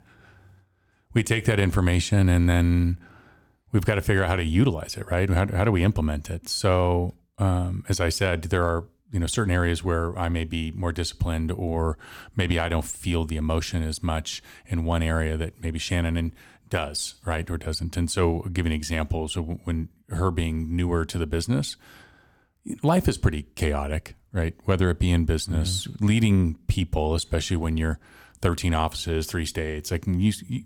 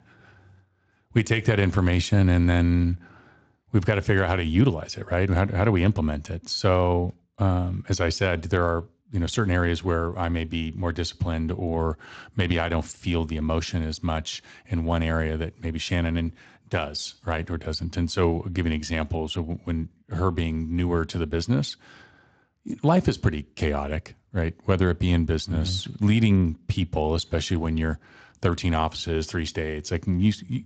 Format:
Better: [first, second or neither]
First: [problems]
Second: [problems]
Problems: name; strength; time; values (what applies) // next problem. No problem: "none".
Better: first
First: none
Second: garbled, watery; slightly; nothing above 7.5 kHz